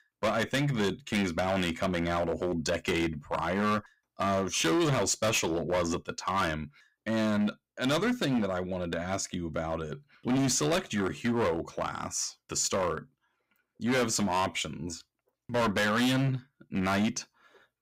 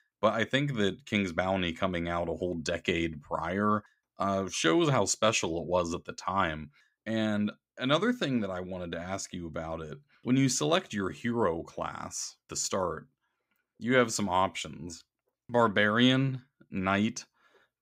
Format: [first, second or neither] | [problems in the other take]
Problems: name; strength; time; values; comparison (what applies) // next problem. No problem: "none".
second | distortion; heavy; 12% of the sound clipped